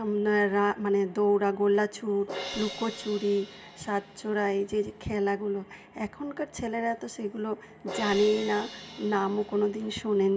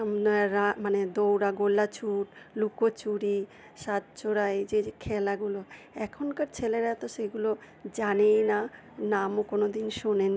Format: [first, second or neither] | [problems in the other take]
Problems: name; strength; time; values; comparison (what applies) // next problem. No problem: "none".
second | background sound (Crash cymbal); 16 dB below the speech // room echo; dies away in 0.3 s